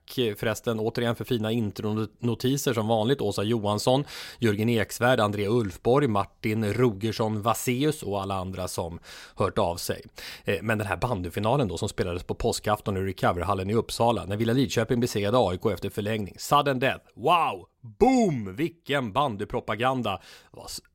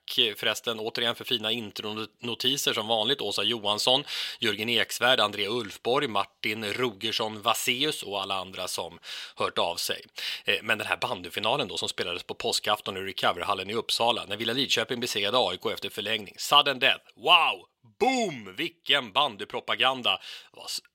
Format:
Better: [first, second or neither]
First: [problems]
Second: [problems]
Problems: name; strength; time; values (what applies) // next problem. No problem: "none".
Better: first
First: none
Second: thin; somewhat; fading below 700 Hz